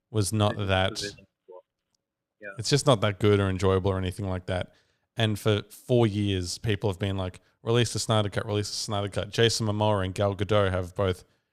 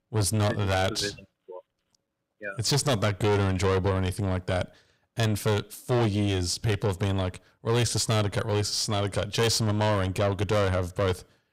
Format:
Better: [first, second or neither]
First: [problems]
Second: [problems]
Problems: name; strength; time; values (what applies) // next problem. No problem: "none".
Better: first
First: none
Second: distortion; heavy; 6 dB below the speech